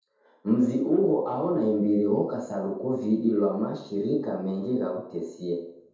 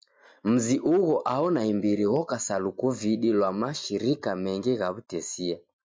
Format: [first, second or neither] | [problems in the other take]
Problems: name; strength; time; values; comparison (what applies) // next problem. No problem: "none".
second | room echo; dies away in 0.8 s